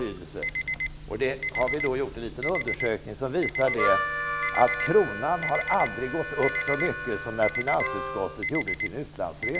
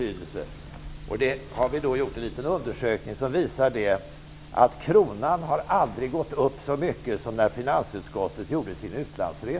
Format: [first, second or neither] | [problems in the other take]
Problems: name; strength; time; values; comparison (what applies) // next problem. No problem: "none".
second | background sound (Alarm + Harmonica); 3 dB below the speech